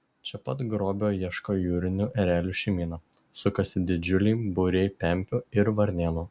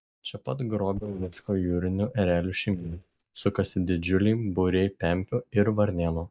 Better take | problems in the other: first | noise reduction (neural mask model DeepFilterNet 3)

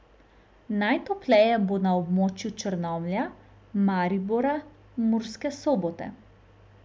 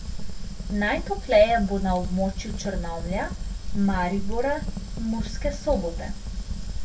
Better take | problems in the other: first | background sound (Fire); 3 dB below the speech // room echo; dies away in 0.1 s

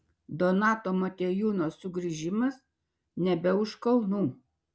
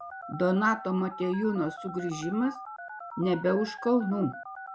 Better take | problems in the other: first | background sound (Telephone); 12 dB below the speech

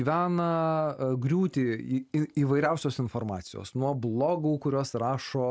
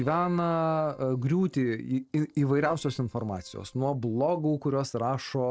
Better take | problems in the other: first | noise reduction (neural separator model SepFormer DNS4)

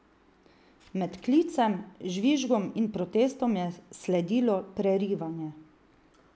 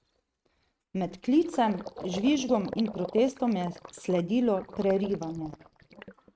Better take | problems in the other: first | noise reduction (neural mask model RNNoise)

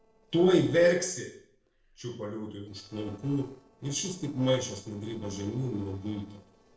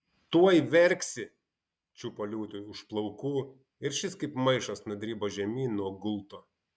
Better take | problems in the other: second | noise reduction (neural separator model SepFormer DNS4)

